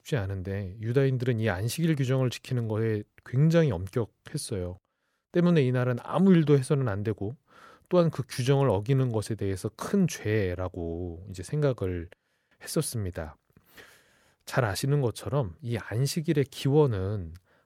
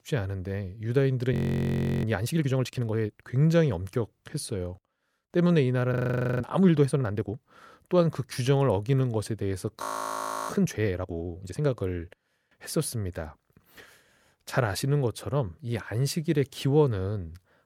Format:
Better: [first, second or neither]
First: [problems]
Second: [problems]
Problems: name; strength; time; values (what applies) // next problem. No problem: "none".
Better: first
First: none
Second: audio freezing; at 1.5 s for 0.5 s, at 6 s and at 10 s for 0.5 s